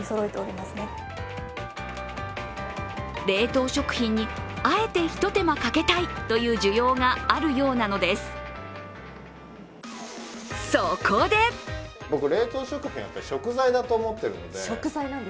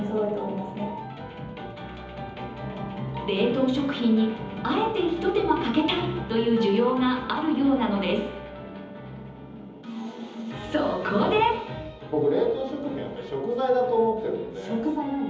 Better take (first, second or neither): first